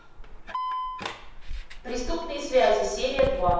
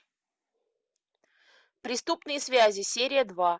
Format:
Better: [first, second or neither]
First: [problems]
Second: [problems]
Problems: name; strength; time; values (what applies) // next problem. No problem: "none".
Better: second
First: background sound (Alarm); 6 dB below the speech // room echo; dies away in 1.1 s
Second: none